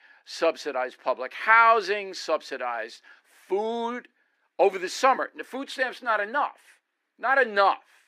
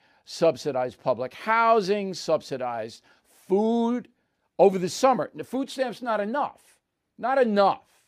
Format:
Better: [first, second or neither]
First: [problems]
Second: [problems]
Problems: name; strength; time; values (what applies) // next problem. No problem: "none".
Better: second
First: thin; somewhat; fading below 300 Hz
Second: none